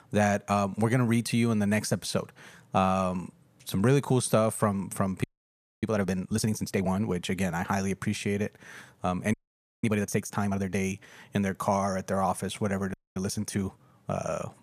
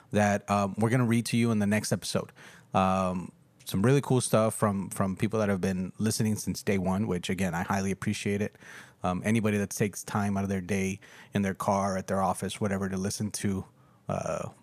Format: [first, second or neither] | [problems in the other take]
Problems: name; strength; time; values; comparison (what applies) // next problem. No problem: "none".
second | audio freezing; at 5 s for 0.5 s, at 9.5 s and at 13 s